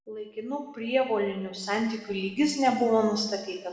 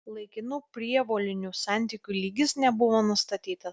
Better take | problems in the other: second | room echo; dies away in 1.1 s

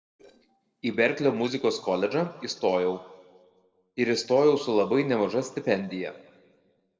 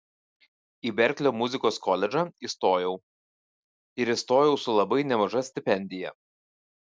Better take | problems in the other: second | noise reduction (neural separator model SepFormer DNS4)

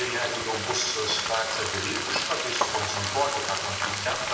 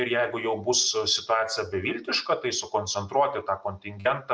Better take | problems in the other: second | background sound (Frying (food)); as loud as the speech // room echo; dies away in 1.2 s

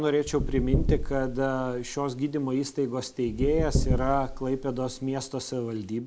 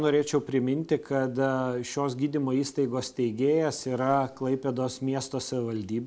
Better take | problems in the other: second | background sound (Knock / Wood); 3 dB below the speech

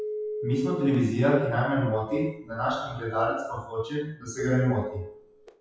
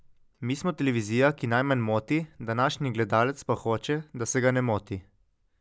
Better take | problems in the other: second | noise reduction (classical method WPE with log-MMSE)

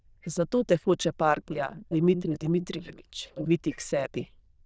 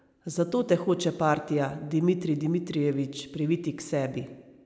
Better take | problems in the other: second | noise reduction (neural diffusion model UNIVERSE++)

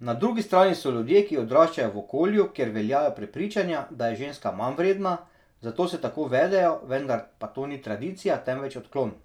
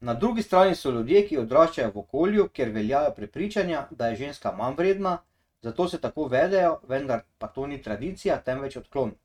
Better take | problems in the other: first | noise reduction (neural mask model RNNoise)

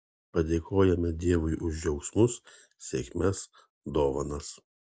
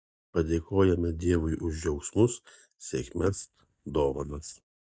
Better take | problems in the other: first | noise reduction (neural mask model DeepFilterNet 3)

